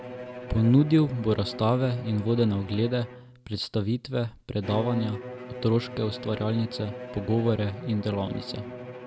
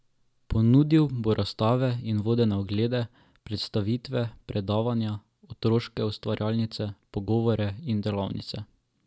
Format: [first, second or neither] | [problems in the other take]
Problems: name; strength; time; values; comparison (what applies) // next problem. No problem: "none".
second | background sound (Bowed string instrument); 12 dB below the speech